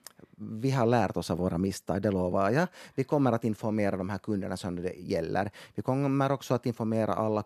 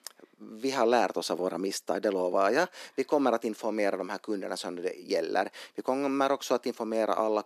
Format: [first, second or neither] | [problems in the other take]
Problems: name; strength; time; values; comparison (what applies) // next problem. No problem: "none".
first | thin; somewhat; fading below 300 Hz